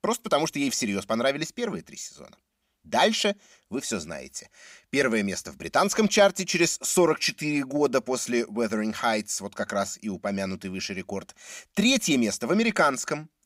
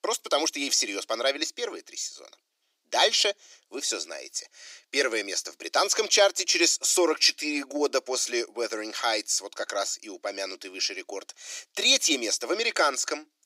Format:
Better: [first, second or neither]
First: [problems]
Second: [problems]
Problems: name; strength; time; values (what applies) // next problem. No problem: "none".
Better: first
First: none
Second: thin; somewhat; fading below 300 Hz